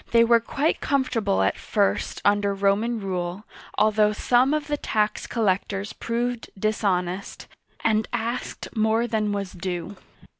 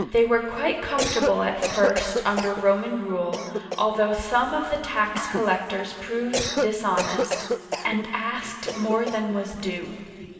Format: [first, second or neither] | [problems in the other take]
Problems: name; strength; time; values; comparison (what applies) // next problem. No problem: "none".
first | background sound (Cough); 6 dB below the speech // room echo; dies away in 2.5 s